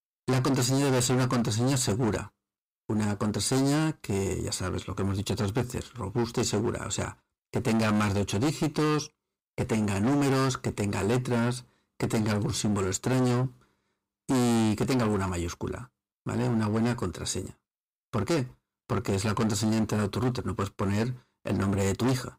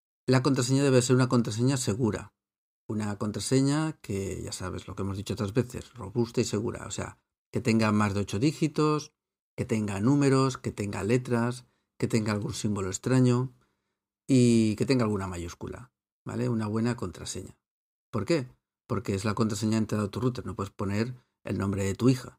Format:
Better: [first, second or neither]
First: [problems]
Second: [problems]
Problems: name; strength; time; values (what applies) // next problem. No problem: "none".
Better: second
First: distortion; heavy; 18% of the sound clipped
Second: none